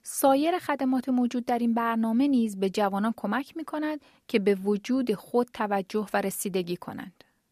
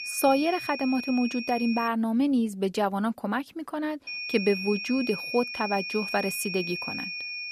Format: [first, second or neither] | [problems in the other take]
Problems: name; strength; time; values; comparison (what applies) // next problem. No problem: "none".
first | high-pitched whine; loud; until 2 s and from 4 s on; 2.5 kHz, 6 dB below the speech